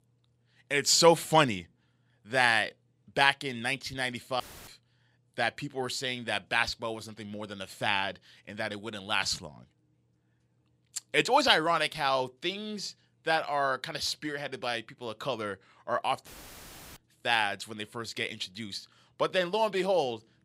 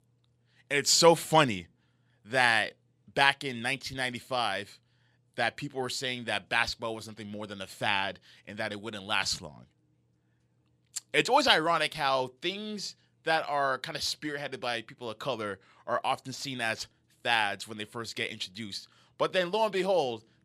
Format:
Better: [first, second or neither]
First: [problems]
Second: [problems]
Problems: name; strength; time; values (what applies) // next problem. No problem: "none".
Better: second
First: audio cutting out; filled with static; at 4.5 s and at 16 s for 0.5 s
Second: none